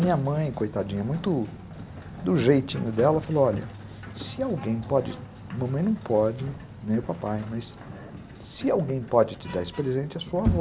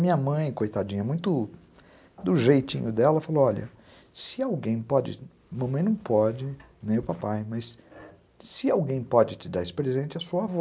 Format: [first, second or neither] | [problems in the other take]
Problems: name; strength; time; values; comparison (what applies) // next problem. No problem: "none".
second | background sound (Sliding door); 10 dB below the speech